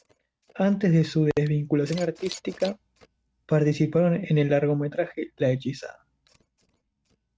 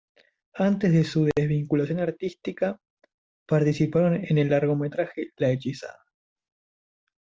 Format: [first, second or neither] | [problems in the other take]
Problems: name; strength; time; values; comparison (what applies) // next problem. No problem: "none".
second | noise reduction (neural mask model RNNoise)